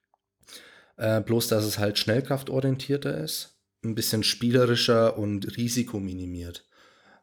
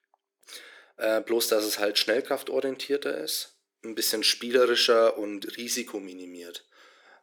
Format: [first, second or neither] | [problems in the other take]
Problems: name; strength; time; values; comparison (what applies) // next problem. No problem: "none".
first | thin; somewhat; fading below 350 Hz